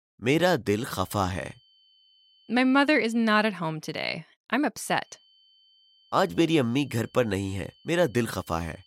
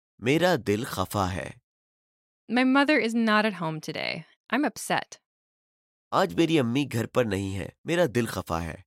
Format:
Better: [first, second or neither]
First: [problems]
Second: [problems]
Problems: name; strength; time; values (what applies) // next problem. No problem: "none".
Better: second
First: high-pitched whine; faint; from 1 to 3.5 s and from 5 s on; 3 kHz, 30 dB below the speech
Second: none